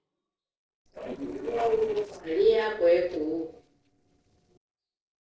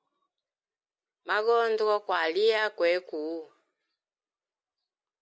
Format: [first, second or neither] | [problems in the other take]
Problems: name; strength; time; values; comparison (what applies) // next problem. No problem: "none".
second | noise reduction (neural separator model SepFormer DNS4)